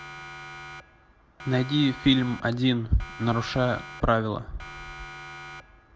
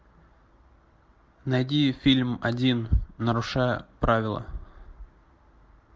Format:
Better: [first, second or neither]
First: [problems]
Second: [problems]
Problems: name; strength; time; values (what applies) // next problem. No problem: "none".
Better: second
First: background sound (Siren); 15 dB below the speech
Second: none